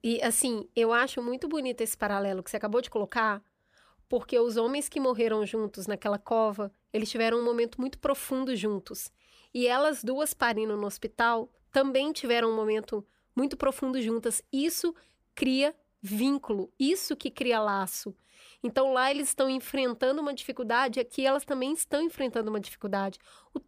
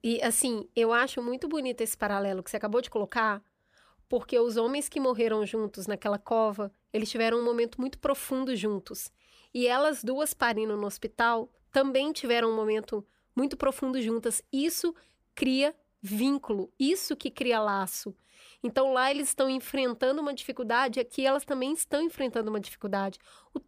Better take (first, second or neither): neither